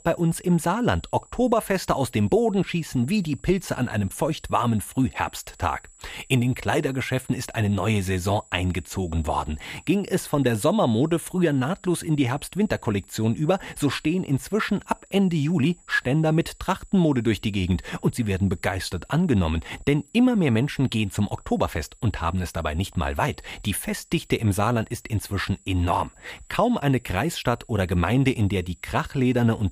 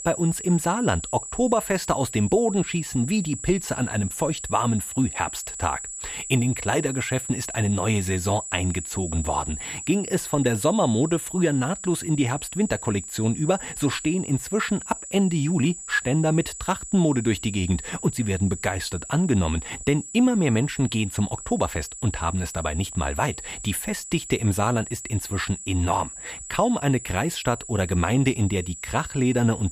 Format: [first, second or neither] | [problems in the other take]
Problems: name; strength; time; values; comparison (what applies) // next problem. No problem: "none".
first | high-pitched whine; loud; throughout; 8 kHz, 9 dB below the speech; faint in the first